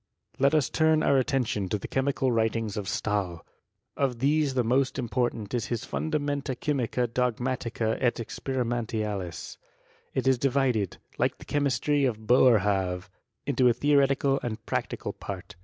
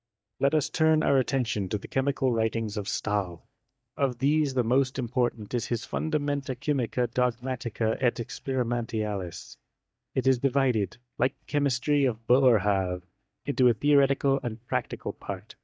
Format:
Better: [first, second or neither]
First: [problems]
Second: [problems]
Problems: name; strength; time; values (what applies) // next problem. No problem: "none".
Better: first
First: none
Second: noise reduction (neural mask model DeepFilterNet 3)